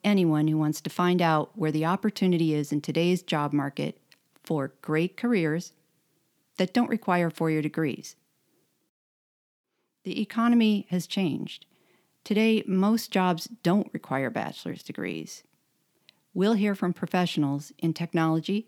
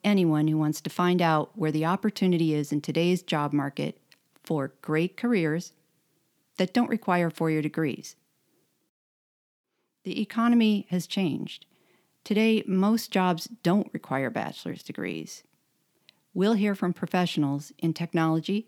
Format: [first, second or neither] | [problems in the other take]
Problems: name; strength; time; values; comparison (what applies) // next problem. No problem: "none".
neither | none